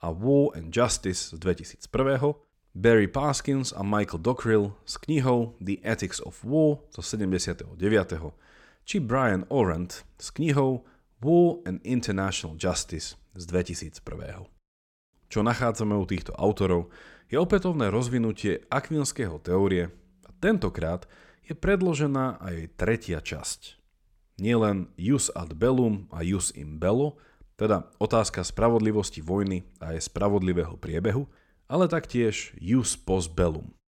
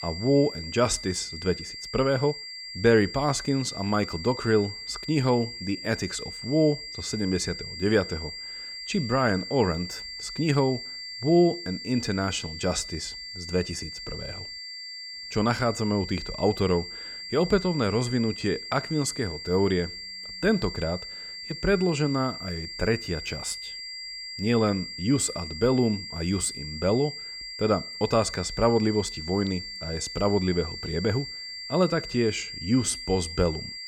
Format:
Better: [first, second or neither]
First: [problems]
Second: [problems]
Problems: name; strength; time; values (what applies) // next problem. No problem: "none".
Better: first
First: none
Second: high-pitched whine; loud; throughout; 4.5 kHz, 9 dB below the speech